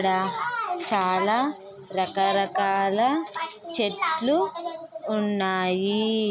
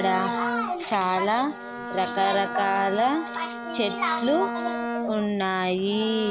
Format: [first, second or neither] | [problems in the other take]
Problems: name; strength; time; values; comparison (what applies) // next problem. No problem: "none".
first | background sound (Bowed string instrument); 8 dB below the speech